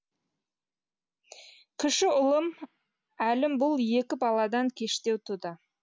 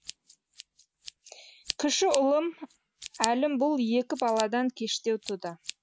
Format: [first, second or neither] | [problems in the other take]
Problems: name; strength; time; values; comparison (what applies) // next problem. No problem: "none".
first | background sound (Scissors); 13 dB below the speech